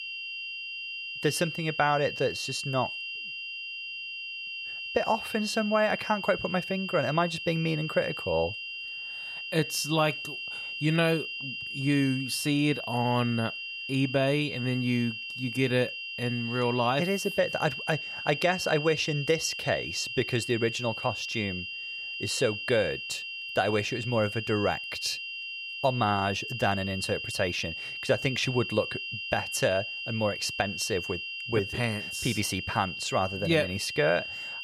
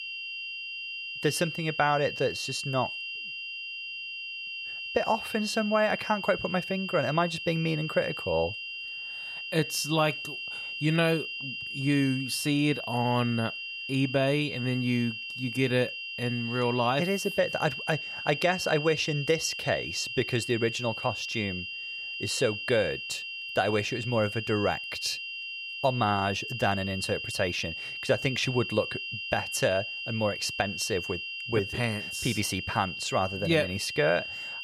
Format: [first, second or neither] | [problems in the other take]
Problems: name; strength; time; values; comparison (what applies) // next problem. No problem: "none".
neither | high-pitched whine; loud; throughout; 3 kHz, 5 dB below the speech; the same in both